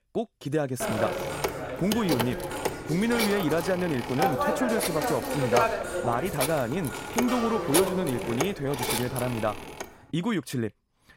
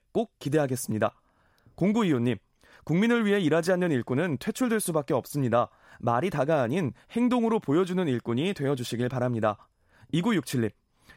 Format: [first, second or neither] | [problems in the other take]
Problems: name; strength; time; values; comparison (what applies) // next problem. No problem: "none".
second | phone ringing; loud; from 1 to 10 s; peak 4 dB above the speech